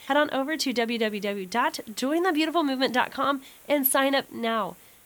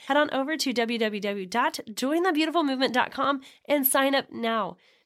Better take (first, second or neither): second